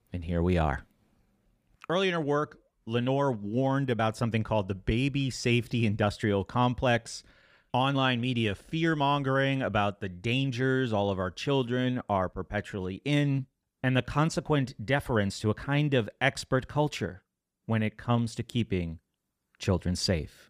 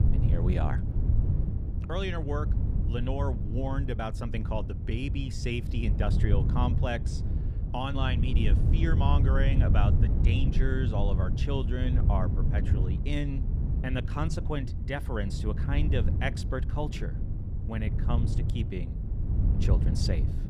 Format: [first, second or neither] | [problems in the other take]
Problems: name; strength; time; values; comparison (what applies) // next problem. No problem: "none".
first | wind noise on the microphone; heavy; 6 dB below the speech